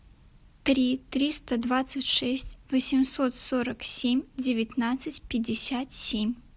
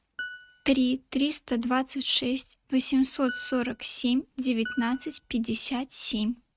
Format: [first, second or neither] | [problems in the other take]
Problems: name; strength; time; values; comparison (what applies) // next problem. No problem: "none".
first | noise reduction (neural mask model RNNoise)